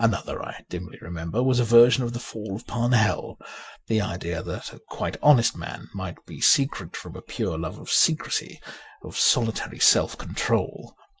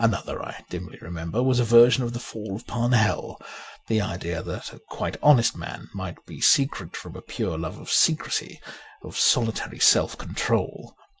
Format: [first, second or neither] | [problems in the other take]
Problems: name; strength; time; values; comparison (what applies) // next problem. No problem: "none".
second | noise reduction (neural mask model Resemble Enhance denoiser)